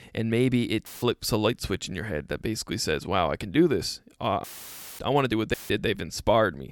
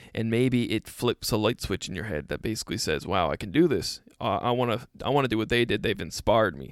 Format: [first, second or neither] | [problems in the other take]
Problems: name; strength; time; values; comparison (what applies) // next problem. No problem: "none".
second | audio cutting out; filled with static; at 1 s, at 4.5 s for 0.5 s and at 5.5 s